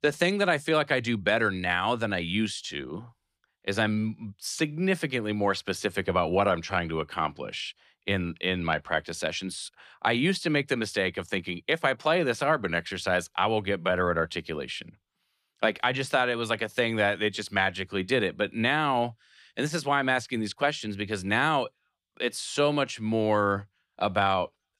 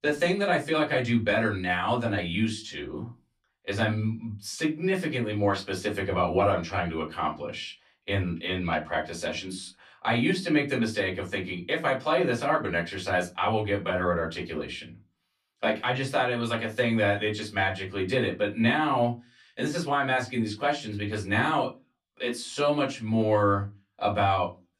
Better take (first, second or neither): first